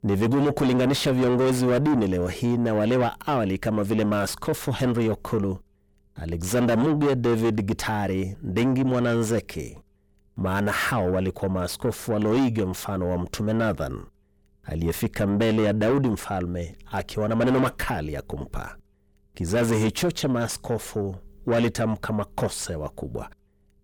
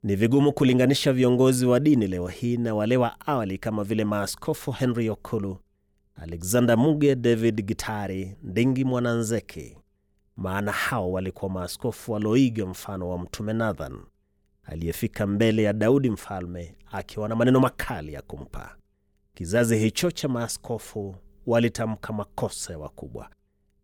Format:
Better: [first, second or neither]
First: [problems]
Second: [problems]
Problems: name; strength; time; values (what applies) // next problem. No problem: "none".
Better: second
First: distortion; heavy; 7 dB below the speech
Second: none